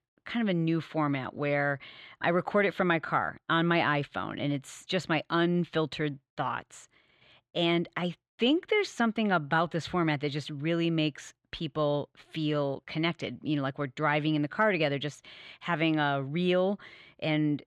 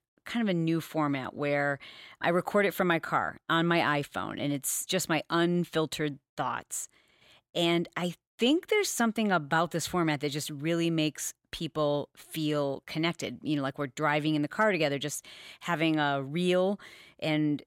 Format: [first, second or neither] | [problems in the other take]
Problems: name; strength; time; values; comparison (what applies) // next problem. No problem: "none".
second | muffled; slightly; fading above 3 kHz